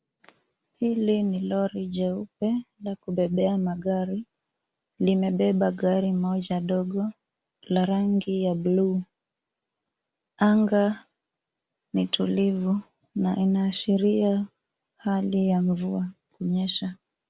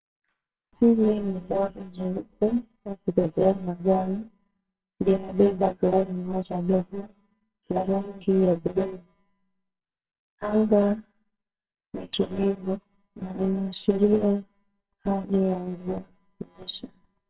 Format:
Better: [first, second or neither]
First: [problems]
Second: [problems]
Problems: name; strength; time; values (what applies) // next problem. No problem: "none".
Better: first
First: none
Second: noise reduction (neural separator model SepFormer WHAMR!)